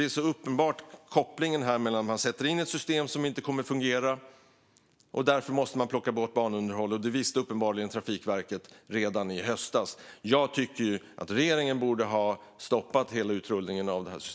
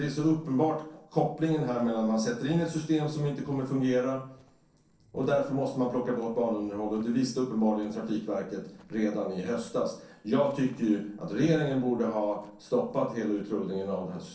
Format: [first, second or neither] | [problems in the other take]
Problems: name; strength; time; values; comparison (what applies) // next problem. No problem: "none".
first | noise reduction (neural separator model SepFormer DNS4)